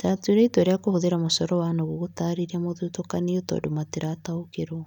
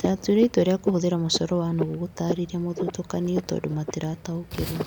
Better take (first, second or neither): first